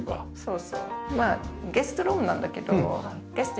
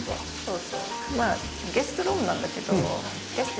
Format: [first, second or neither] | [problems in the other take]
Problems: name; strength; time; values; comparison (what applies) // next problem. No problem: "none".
first | background sound (Bathtub (filling or washing)); 8 dB below the speech